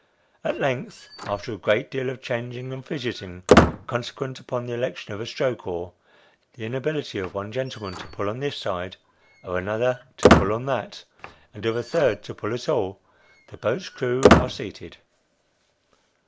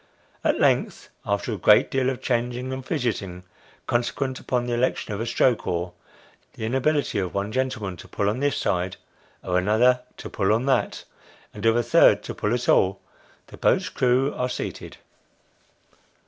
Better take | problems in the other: second | background sound (Squeak); 3 dB above the speech

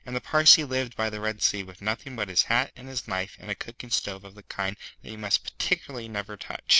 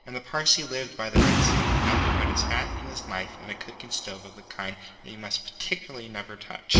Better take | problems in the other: first | background sound (Boom); 3 dB above the speech // room echo; dies away in 2 s

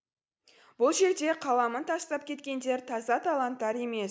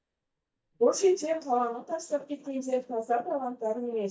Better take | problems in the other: first | noise reduction (neural mask model DeepFilterNet 3)

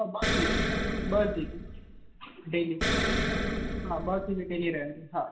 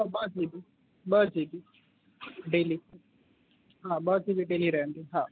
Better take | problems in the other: second | background sound (Explosion); 2 dB above the speech // room echo; dies away in 0.9 s

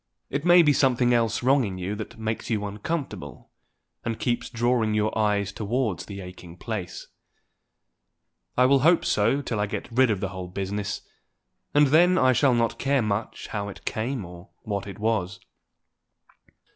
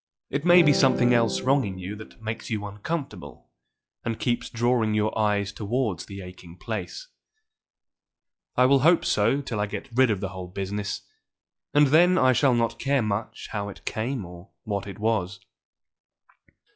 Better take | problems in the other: first | noise reduction (classical method log-MMSE)

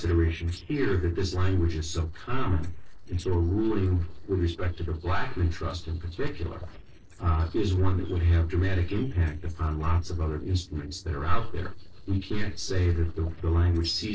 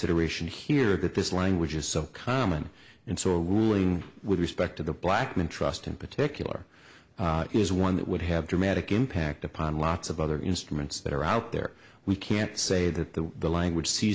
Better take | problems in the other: second | noise reduction (neural separator model SepFormer DNS4)

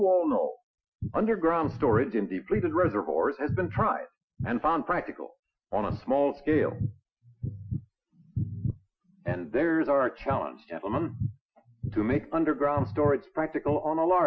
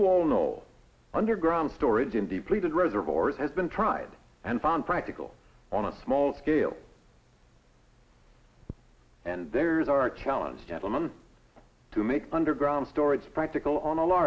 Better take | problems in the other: second | noise reduction (classical method Wiener filter)

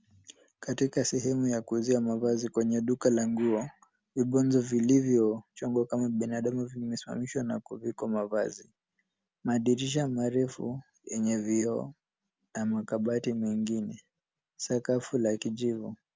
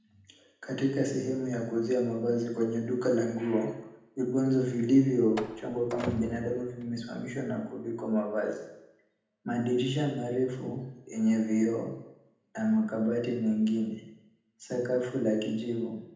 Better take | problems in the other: first | background sound (Slam); 13 dB below the speech // room echo; dies away in 0.8 s

